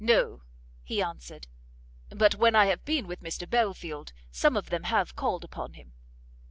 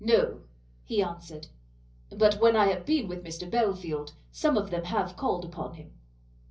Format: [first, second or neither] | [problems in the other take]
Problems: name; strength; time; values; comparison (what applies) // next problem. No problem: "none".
first | room echo; dies away in 0.5 s